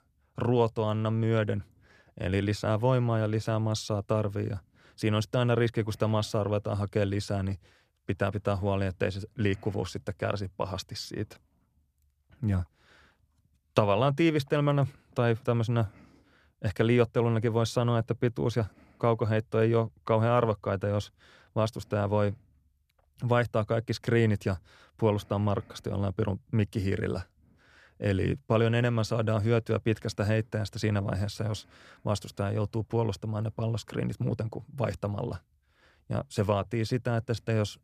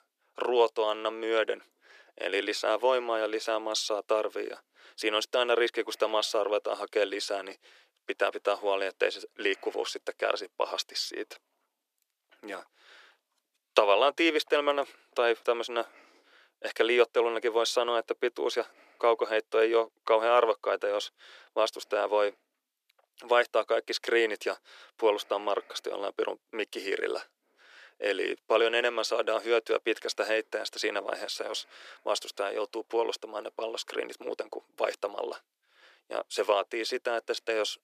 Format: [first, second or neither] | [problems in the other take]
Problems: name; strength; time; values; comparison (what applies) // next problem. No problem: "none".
first | thin; very; fading below 350 Hz